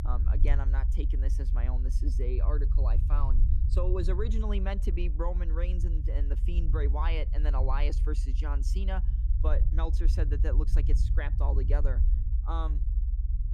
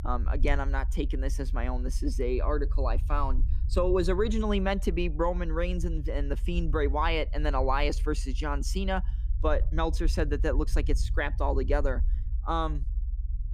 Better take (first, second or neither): second